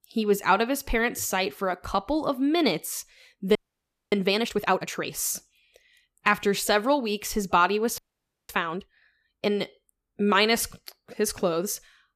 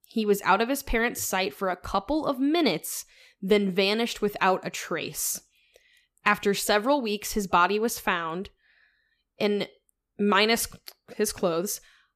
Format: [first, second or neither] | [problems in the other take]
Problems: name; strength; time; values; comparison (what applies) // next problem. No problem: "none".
second | audio freezing; at 3.5 s for 0.5 s and at 8 s for 0.5 s